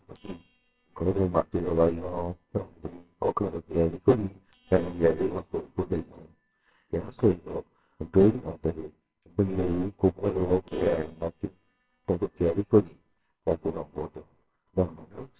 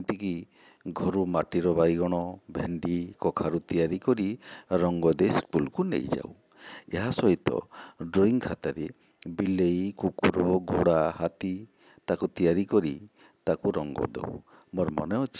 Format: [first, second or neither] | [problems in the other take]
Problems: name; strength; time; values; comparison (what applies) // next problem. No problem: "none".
second | noise reduction (neural separator model SepFormer WHAMR!)